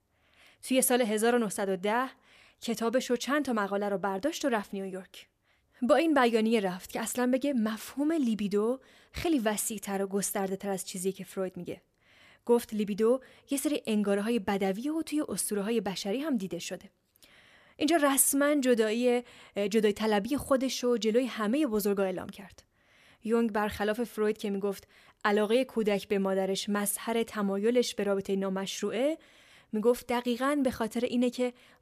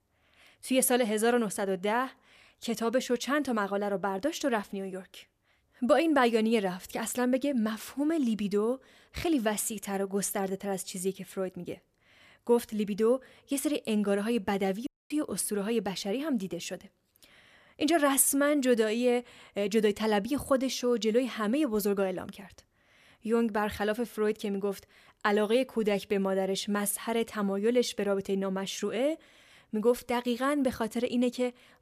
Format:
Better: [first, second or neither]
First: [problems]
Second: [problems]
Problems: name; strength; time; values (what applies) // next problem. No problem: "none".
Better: first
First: none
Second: audio cutting out; at 15 s